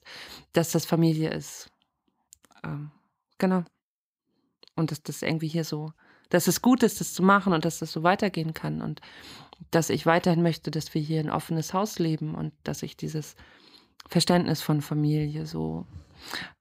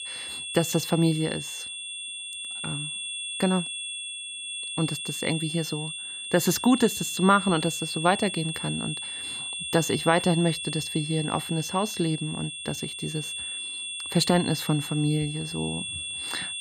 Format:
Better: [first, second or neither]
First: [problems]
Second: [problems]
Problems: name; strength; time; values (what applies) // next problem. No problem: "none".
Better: first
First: none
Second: high-pitched whine; loud; throughout; 3.5 kHz, 5 dB below the speech